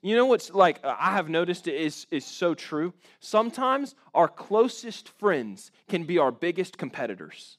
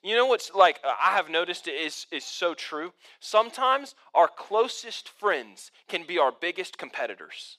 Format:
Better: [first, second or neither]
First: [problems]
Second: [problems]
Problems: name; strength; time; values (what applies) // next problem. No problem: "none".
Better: first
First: none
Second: thin; very; fading below 650 Hz